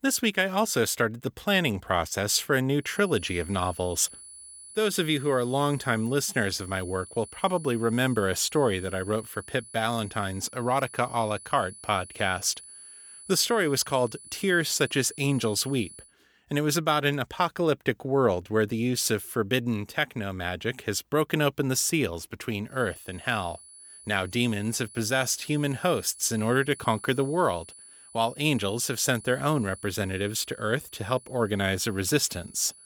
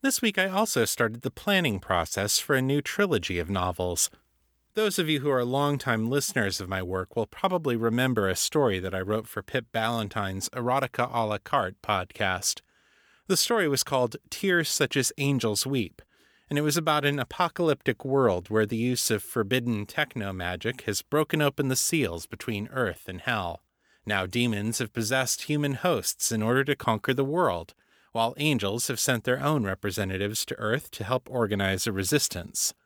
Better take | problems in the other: second | high-pitched whine; noticeable; from 3 to 16 s and from 23 s on; 10 kHz, 20 dB below the speech

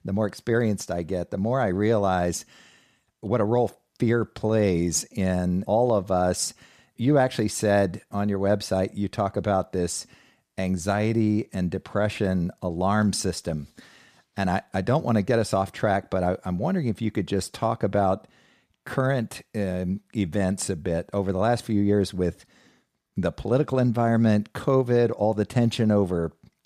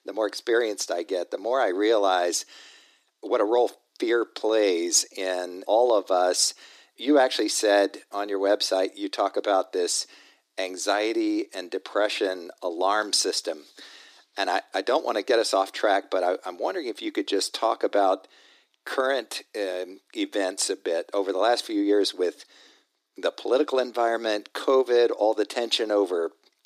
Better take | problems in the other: first | thin; very; fading below 300 Hz

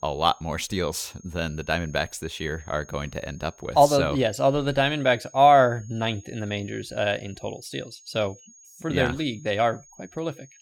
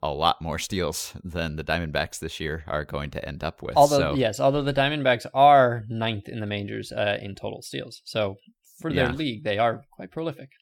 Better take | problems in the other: second | high-pitched whine; faint; throughout; 6.5 kHz, 25 dB below the speech

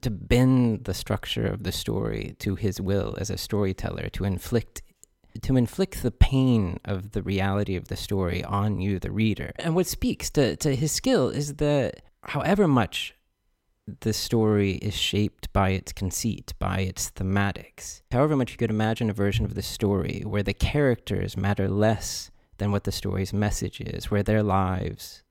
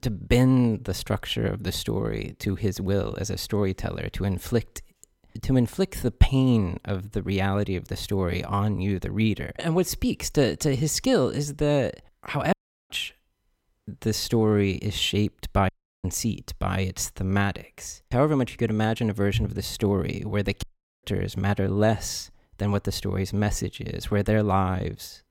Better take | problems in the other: first | audio cutting out; at 13 s, at 16 s and at 21 s

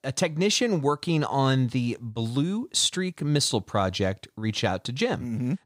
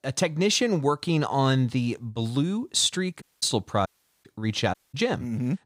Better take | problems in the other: first | audio cutting out; at 3 s, at 4 s and at 4.5 s

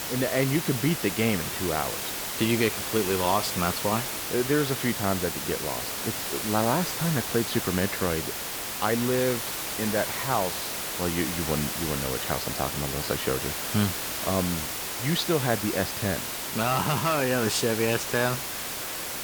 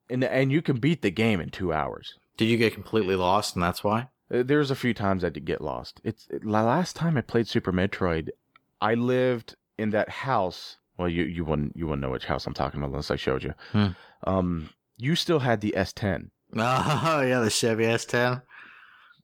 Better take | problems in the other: second | hiss; loud; throughout; 2 dB below the speech

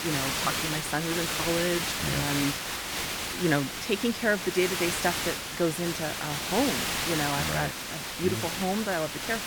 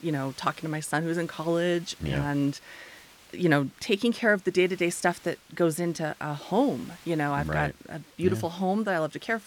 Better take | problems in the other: second | hiss; loud; throughout; as loud as the speech; faint in the second

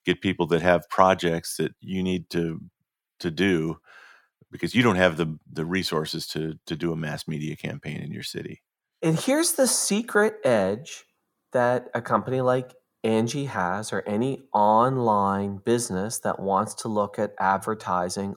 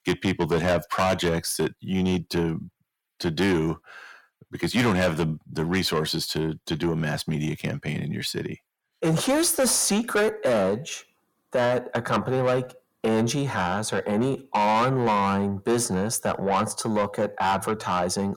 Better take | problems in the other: first | distortion; heavy; 7 dB below the speech

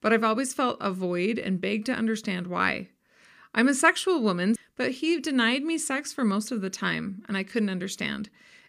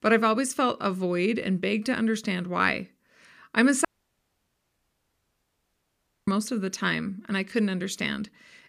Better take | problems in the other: first | audio cutting out; at 4 s for 2.5 s

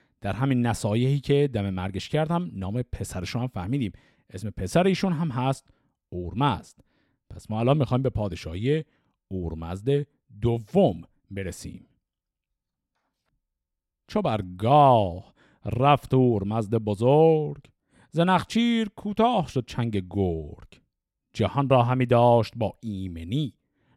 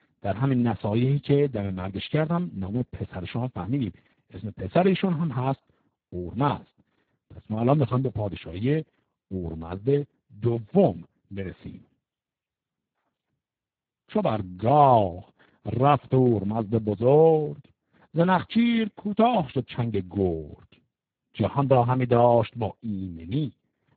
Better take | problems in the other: first | garbled, watery; badly; nothing above 4 kHz

